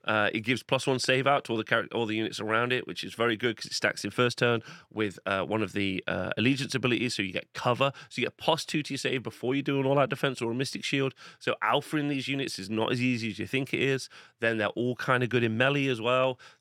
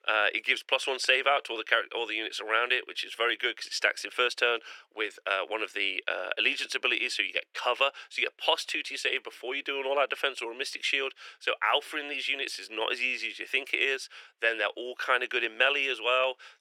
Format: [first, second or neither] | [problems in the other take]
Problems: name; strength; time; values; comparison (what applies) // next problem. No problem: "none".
first | thin; very; fading below 400 Hz